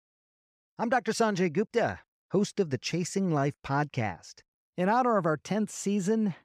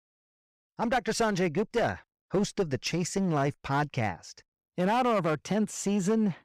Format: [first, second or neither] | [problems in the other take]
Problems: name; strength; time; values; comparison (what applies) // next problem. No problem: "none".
first | distortion; slight; 9% of the sound clipped